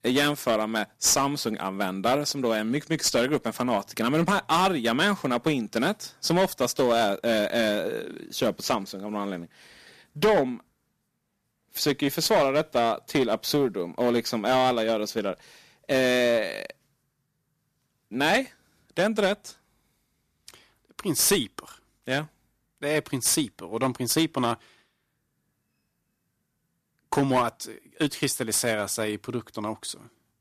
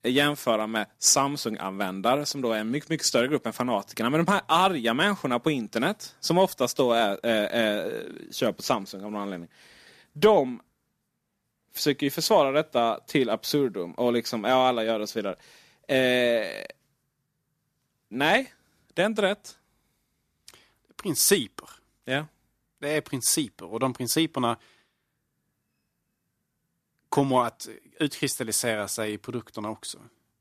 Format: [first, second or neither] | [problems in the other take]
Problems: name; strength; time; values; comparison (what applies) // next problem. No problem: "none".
second | distortion; slight; 4% of the sound clipped